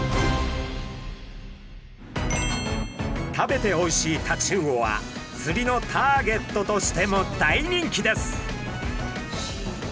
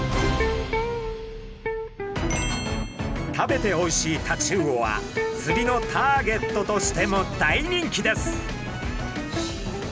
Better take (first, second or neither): first